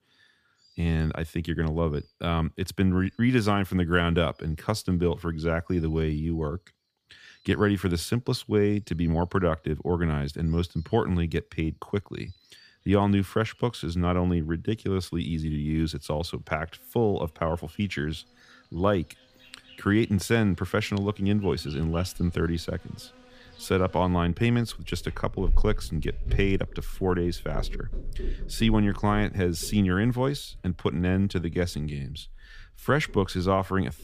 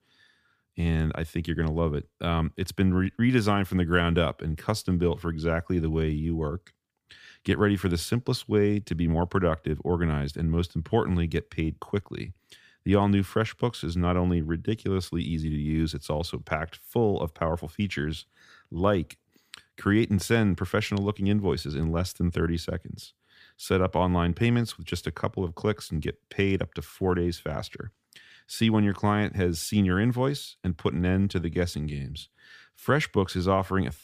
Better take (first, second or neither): second